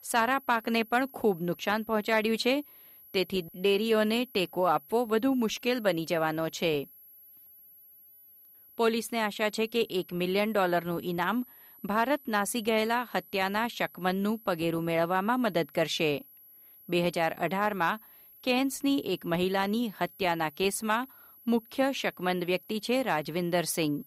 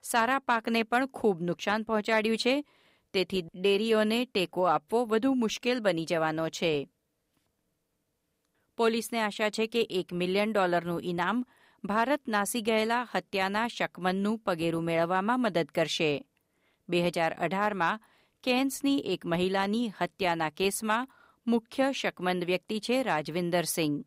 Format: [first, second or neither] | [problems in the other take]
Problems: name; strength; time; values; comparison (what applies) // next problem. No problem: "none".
second | high-pitched whine; faint; throughout; 11.5 kHz, 20 dB below the speech